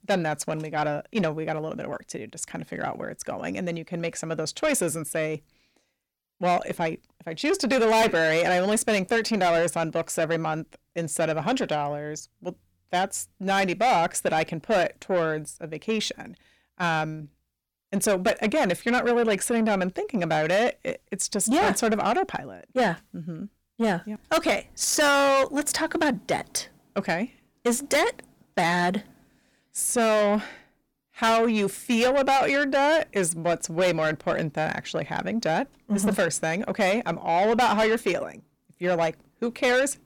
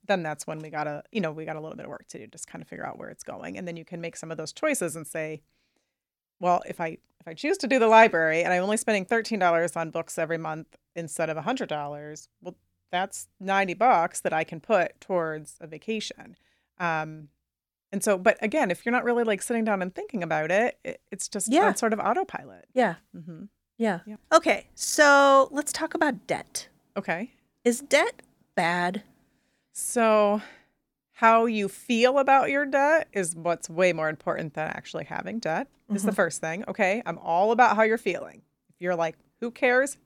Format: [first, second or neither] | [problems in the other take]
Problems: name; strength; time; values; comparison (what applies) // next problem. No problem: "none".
second | distortion; heavy; 7 dB below the speech